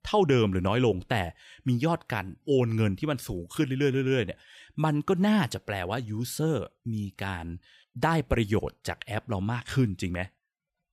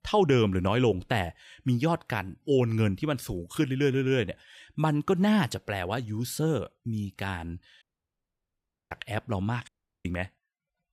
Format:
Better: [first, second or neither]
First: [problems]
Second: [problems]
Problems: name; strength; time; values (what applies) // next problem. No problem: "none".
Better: first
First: none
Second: audio cutting out; at 8 s for 1 s and at 9.5 s